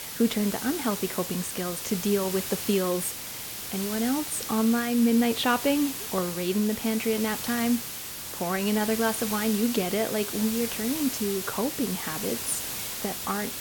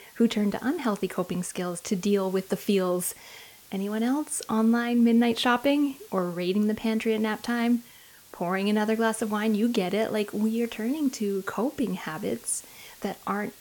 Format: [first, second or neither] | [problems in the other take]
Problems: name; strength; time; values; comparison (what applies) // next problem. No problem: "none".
second | hiss; loud; throughout; 4 dB below the speech; faint in the second